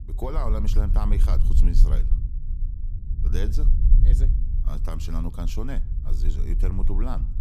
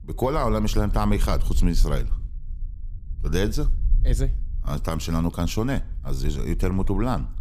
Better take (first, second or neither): second